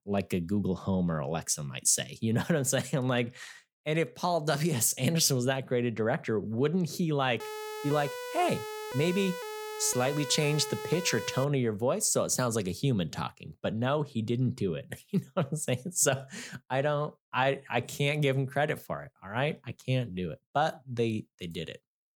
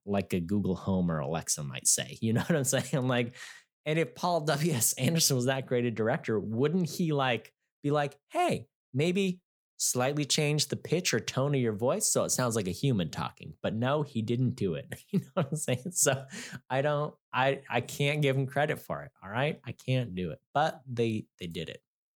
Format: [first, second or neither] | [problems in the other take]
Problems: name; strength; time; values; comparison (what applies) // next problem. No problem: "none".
second | siren; noticeable; from 7.5 to 11 s; peak 8 dB below the speech